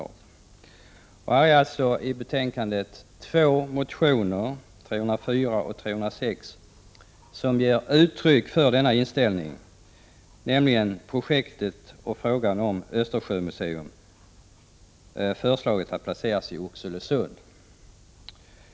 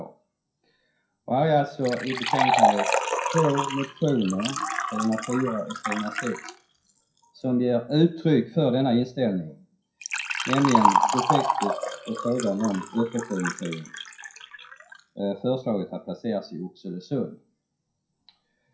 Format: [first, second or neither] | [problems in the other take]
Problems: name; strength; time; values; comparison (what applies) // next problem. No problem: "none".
first | noise reduction (classical method WPE with log-MMSE)